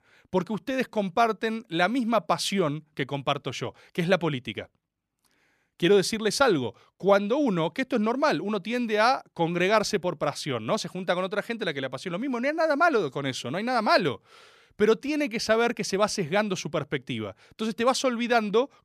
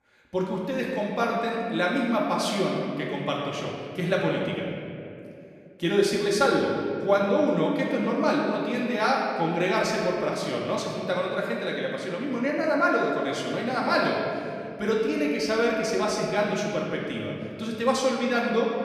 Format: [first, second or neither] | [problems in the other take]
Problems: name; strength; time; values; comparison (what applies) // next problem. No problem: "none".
first | room echo; noticeable; dies away in 2.3 s // off-mic speech; far